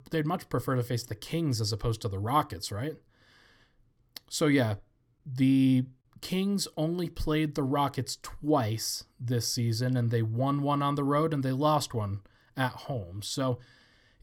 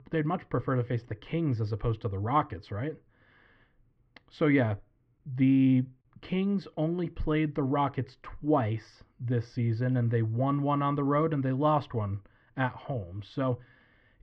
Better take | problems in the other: first | muffled; very; fading above 2.5 kHz

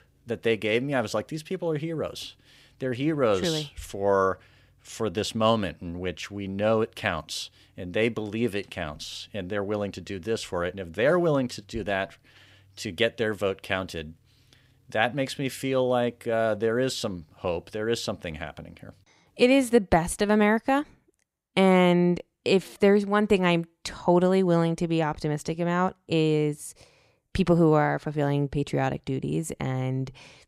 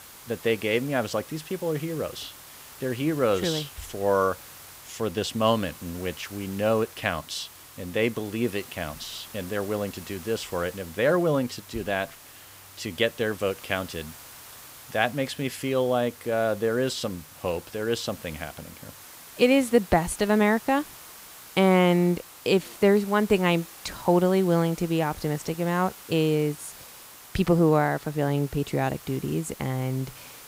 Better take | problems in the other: first | hiss; noticeable; throughout; 15 dB below the speech

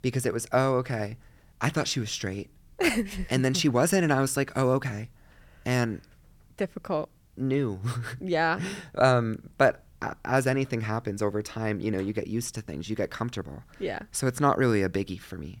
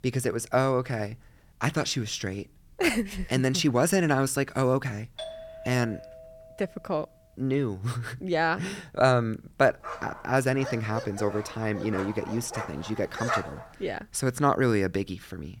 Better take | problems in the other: first | doorbell; faint; from 5 to 7 s; peak 10 dB below the speech // dog barking; noticeable; from 10 to 14 s; peak 2 dB below the speech

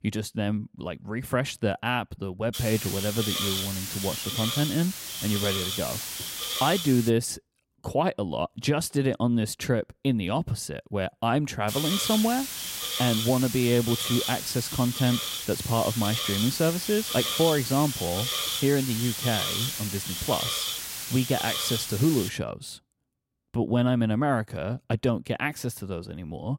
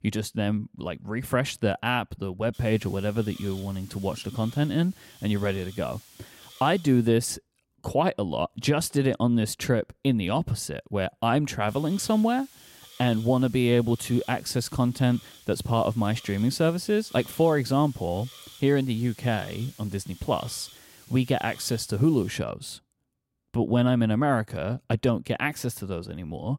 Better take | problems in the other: second | hiss; loud; from 2.5 to 7 s and from 12 to 22 s; 2 dB below the speech; faint in the second

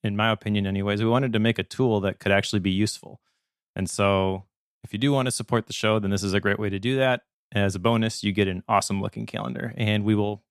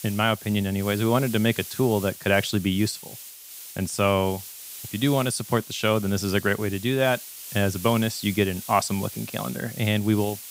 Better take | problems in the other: first | hiss; noticeable; throughout; 15 dB below the speech

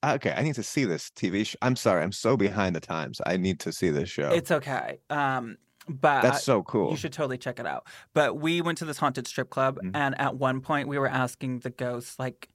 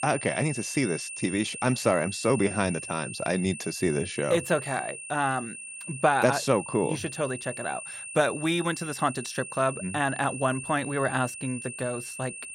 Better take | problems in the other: first | high-pitched whine; loud; throughout; 2.5 kHz, 9 dB below the speech

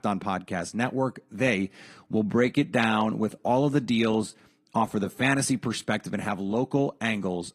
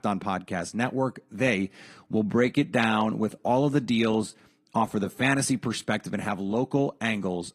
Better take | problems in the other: neither | garbled, watery; slightly; the same in both

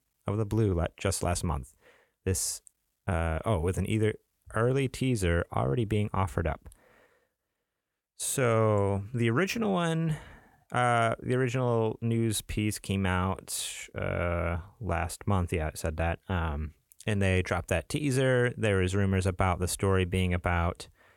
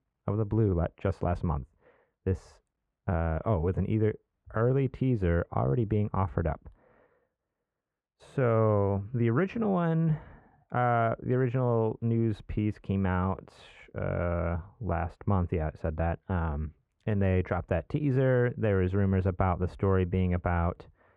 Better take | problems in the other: first | muffled; very; fading above 1.5 kHz

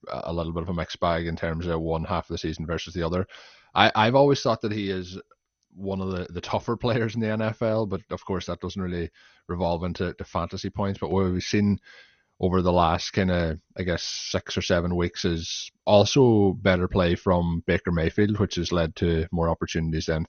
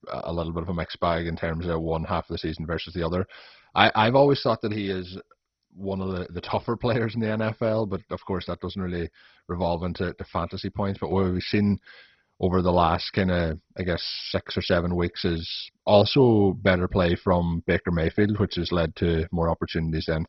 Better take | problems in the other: first | garbled, watery; badly; nothing above 5.5 kHz; slightly in the first

